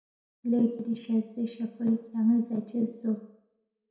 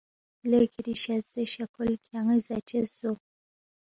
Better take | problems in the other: second | room echo; dies away in 0.6 s

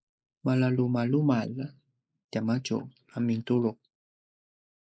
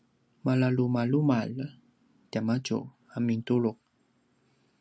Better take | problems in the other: second | noise reduction (neural mask model Resemble Enhance denoiser)

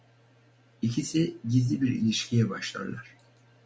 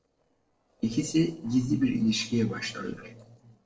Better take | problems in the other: first | noise reduction (neural separator model SepFormer DNS4)

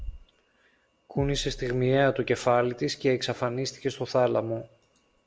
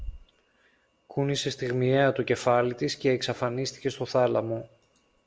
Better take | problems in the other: second | background sound (Bass drum); 15 dB below the speech

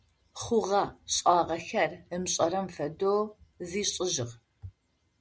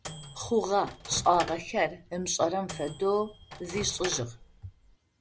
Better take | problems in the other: first | background sound (Microwave oven); 13 dB below the speech

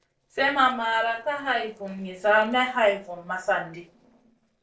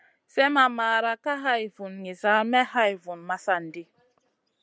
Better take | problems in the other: second | noise reduction (neural separator model SepFormer DNS4)

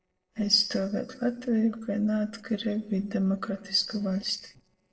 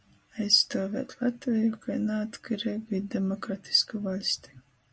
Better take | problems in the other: second | noise reduction (neural separator model SepFormer DNS4)

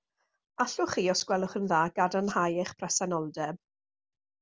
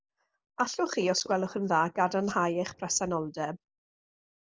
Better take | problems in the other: first | noise reduction (neural mask model Resemble Enhance denoiser)

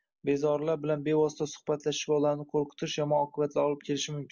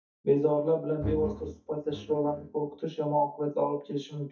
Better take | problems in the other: first | noise reduction (neural mask model DeepFilterNet 3)

